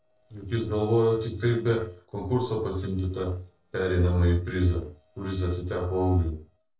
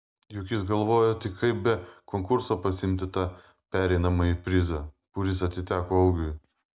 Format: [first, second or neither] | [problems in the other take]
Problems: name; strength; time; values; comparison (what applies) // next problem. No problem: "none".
second | noise reduction (neural separator model SepFormer DNS4)